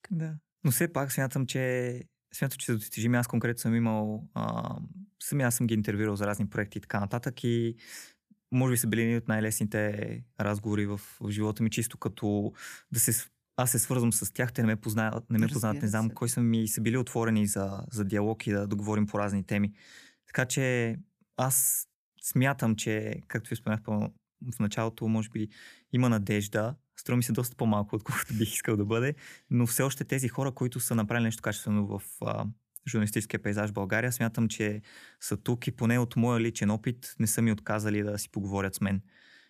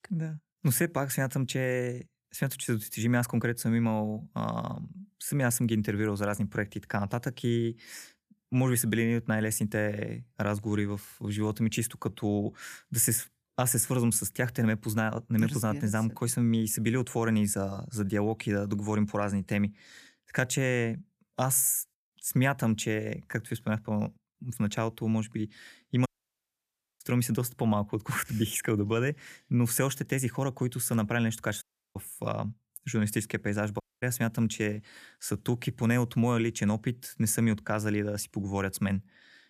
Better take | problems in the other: first | audio cutting out; at 26 s for 1 s, at 32 s and at 34 s

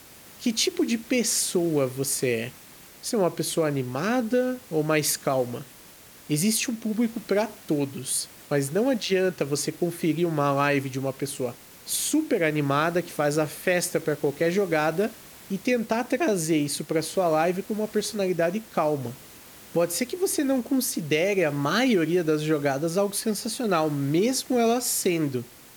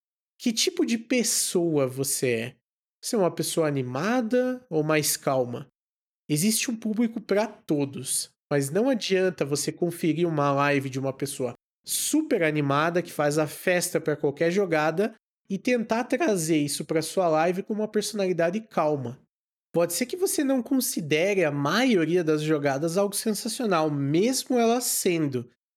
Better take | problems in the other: second | hiss; faint; throughout; 20 dB below the speech

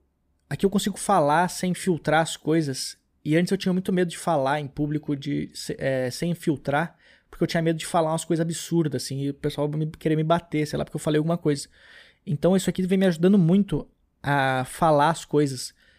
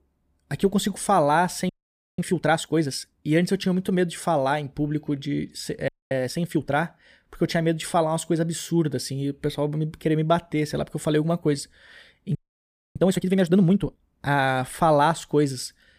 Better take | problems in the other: first | audio freezing; at 1.5 s, at 6 s and at 12 s for 0.5 s

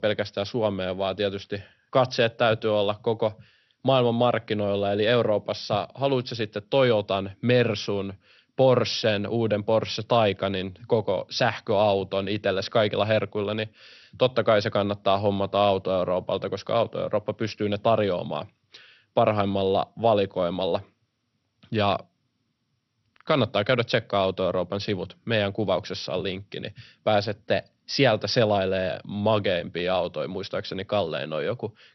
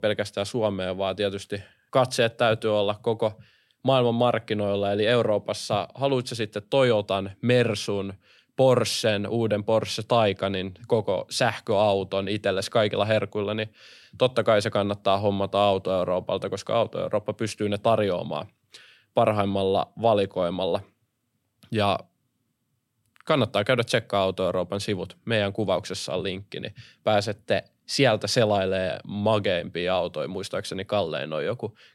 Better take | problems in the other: second | garbled, watery; slightly; nothing above 6 kHz

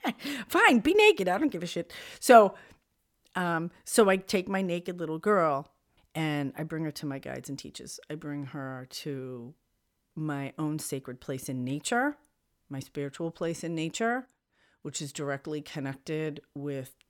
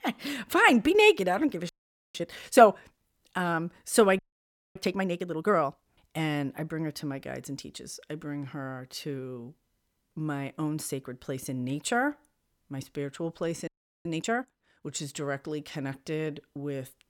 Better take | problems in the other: first | audio freezing; at 1.5 s, at 4 s for 0.5 s and at 14 s

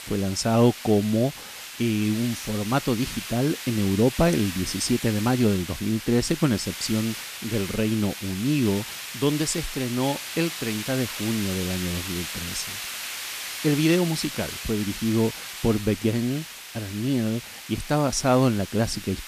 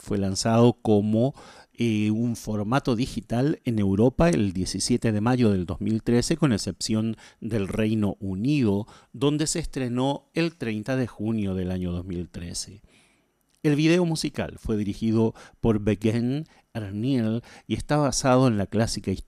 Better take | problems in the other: second | hiss; loud; throughout; 8 dB below the speech

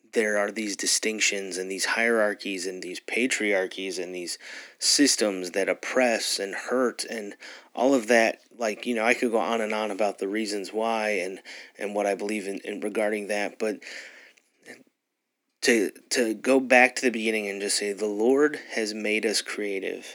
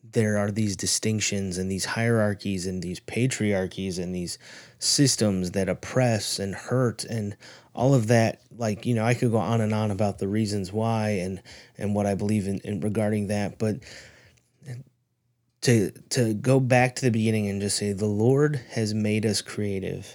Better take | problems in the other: second | thin; somewhat; fading below 250 Hz

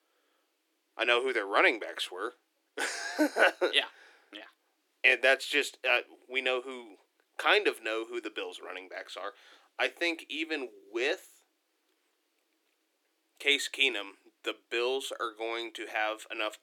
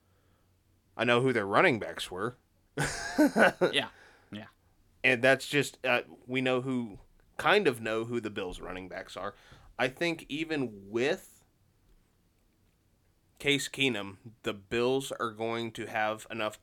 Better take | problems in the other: second | thin; somewhat; fading below 300 Hz

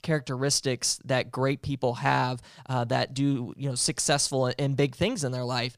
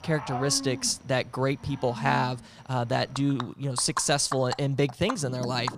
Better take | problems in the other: first | animal sounds; noticeable; throughout; 10 dB below the speech

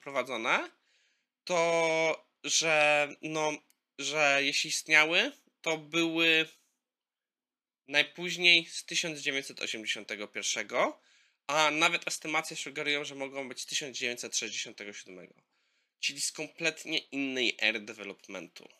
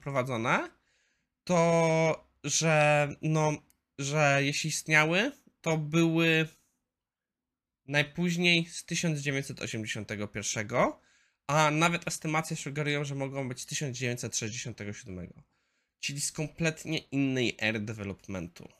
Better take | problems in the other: second | thin; somewhat; fading below 300 Hz

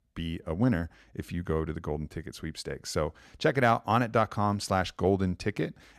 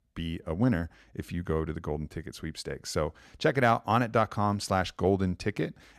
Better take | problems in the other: neither | none

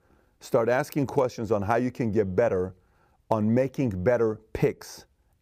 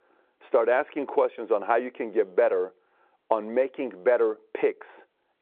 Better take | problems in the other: first | phone-call audio

